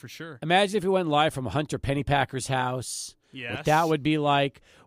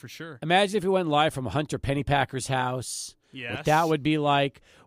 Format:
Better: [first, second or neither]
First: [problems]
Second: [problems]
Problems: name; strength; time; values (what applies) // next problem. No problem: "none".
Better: neither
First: none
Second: none